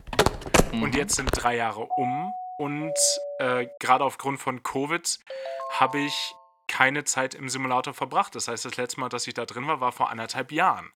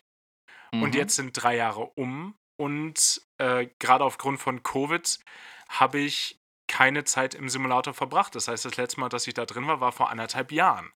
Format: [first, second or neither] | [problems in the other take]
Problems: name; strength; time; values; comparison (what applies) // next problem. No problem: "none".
second | phone ringing; loud; until 1.5 s; peak 5 dB above the speech // doorbell; noticeable; from 2 to 3.5 s; peak 2 dB below the speech // phone ringing; noticeable; from 5.5 to 6.5 s; peak 7 dB below the speech